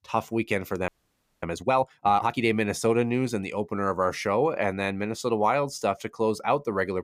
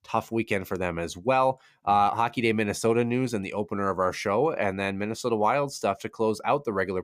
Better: second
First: audio freezing; at 1 s for 0.5 s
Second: none

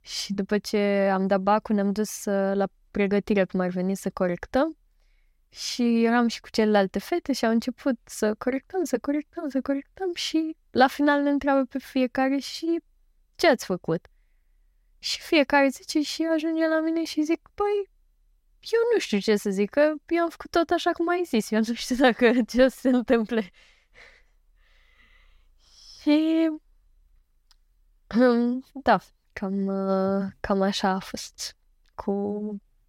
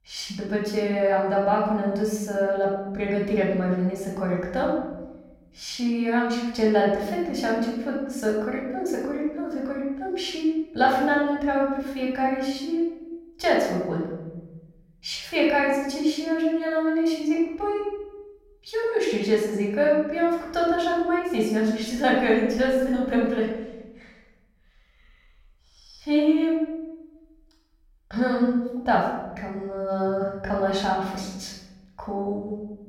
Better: first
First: none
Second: off-mic speech; far // room echo; noticeable; dies away in 1.3 s

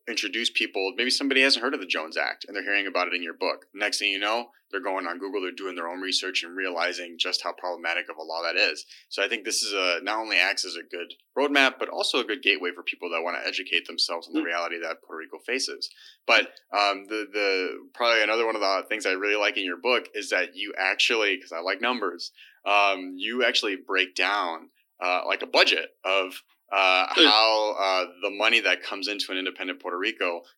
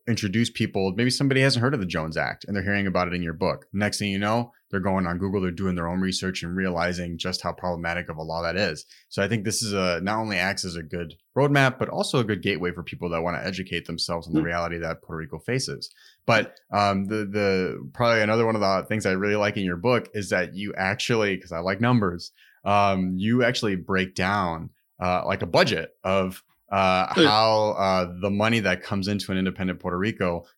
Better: second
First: thin; somewhat; fading below 250 Hz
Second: none

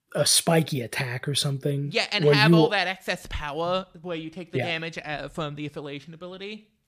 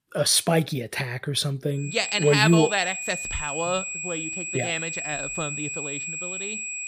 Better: first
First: none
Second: high-pitched whine; loud; from 2 s on; 2.5 kHz, 5 dB below the speech

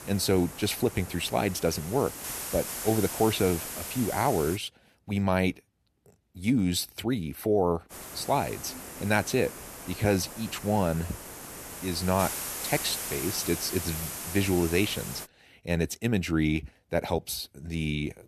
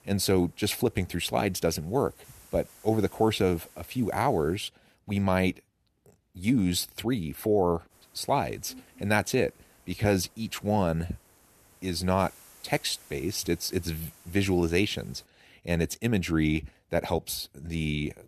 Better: second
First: hiss; loud; until 4.5 s and from 8 to 15 s; 7 dB below the speech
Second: hiss; faint; until 4.5 s and from 8 to 15 s; 25 dB below the speech

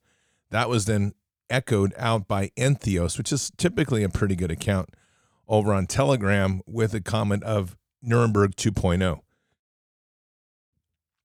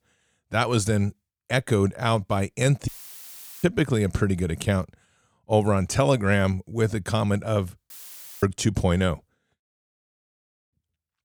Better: first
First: none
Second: audio cutting out; filled with static; at 3 s for 1 s and at 8 s for 0.5 s

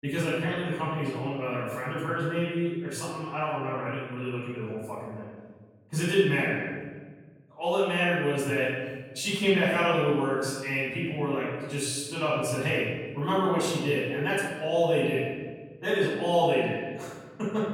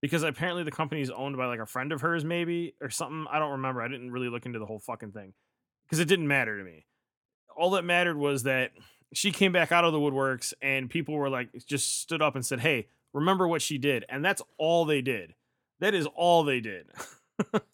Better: second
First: off-mic speech; far // room echo; strong; dies away in 1.3 s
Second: none

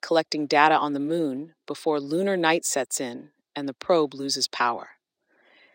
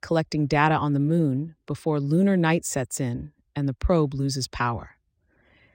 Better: second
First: thin; somewhat; fading below 300 Hz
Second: none

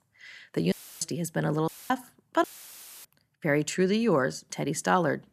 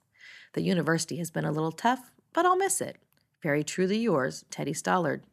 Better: second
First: audio cutting out; filled with static; at 0.5 s, at 1.5 s and at 2.5 s for 0.5 s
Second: none

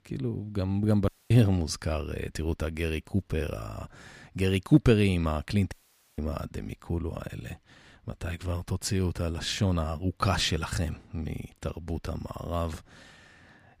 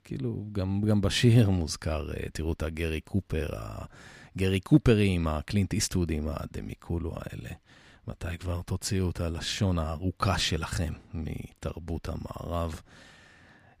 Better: second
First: audio cutting out; at 1 s and at 5.5 s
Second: none

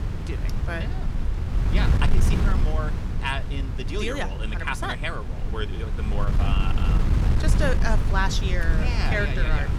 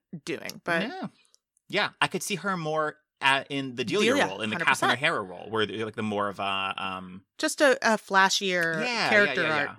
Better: second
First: wind noise on the microphone; heavy; 7 dB below the speech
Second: none

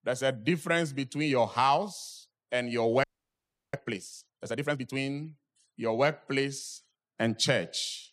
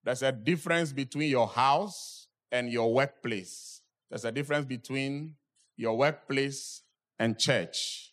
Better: second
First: audio freezing; at 3 s for 0.5 s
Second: none

